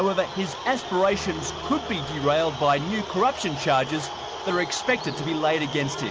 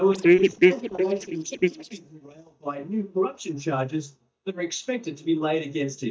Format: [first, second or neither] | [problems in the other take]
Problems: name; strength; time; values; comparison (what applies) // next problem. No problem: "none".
first | noise reduction (neural mask model DeepFilterNet 3)